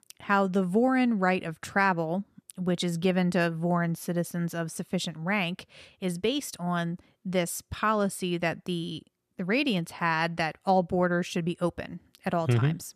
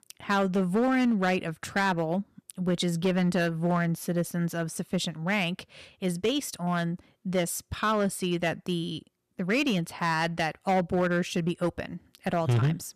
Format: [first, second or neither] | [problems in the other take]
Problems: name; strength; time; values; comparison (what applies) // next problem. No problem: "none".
first | distortion; slight; 5% of the sound clipped